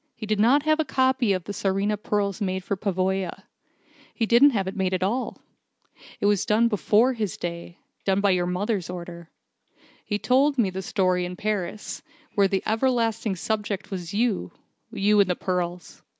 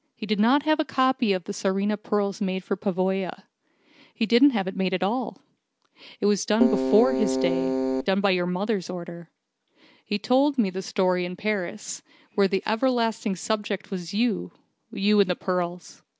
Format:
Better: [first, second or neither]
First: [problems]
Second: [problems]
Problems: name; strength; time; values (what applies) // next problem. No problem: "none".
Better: first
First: none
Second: background sound (Keyboard (musical)); 1 dB above the speech